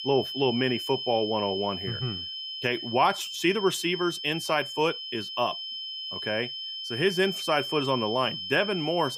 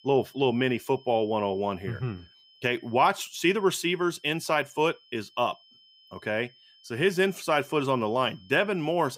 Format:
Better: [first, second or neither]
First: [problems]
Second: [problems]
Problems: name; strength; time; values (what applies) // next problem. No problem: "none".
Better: second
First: high-pitched whine; loud; throughout; 3 kHz, 6 dB below the speech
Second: high-pitched whine; faint; throughout; 3 kHz, 30 dB below the speech